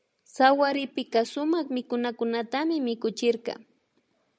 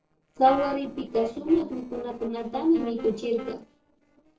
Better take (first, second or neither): first